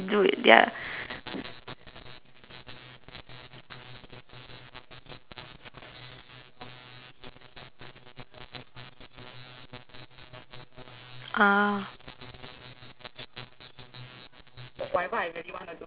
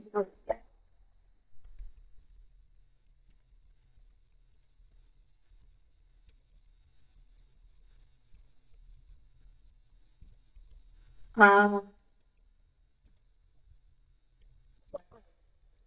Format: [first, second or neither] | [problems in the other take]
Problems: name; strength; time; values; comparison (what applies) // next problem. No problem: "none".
first | noise reduction (neural mask model DeepFilterNet 3)